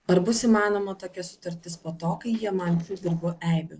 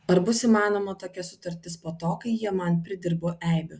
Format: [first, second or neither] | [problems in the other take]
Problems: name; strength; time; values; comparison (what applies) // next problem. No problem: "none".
second | noise reduction (neural separator model SepFormer DNS4)